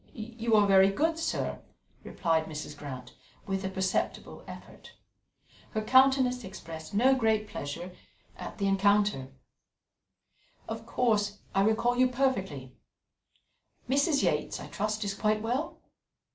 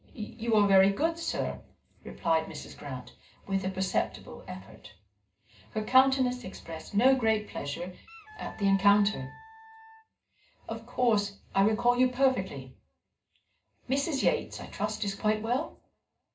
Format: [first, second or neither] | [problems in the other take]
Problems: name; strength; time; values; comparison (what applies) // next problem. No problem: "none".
first | background sound (Wind instrument, woodwind instrument); 20 dB below the speech // room echo; dies away in 0.2 s